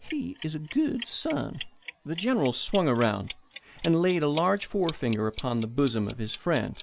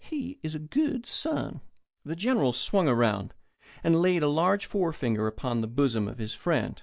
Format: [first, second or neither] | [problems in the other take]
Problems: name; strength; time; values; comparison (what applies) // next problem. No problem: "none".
second | background sound (Clock); 17 dB below the speech